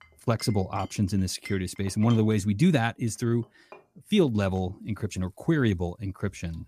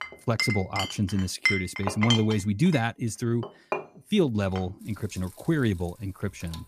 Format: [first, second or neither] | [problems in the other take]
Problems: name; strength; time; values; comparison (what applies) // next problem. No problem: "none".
first | household noises; loud; throughout; 2 dB below the speech; faint in the first